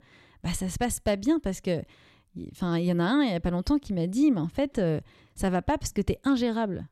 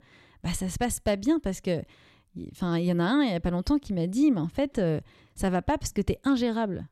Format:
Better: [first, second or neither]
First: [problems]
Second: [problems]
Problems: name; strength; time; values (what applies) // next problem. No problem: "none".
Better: neither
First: none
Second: none